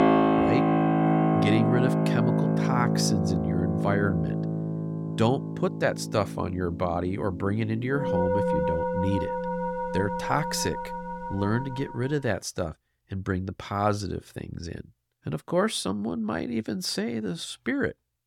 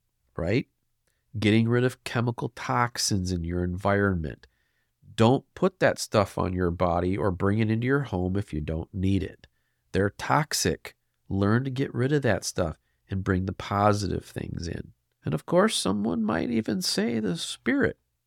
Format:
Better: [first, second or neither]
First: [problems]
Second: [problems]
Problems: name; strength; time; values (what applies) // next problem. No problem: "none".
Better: second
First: background music; very loud; until 12 s; 3 dB above the speech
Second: none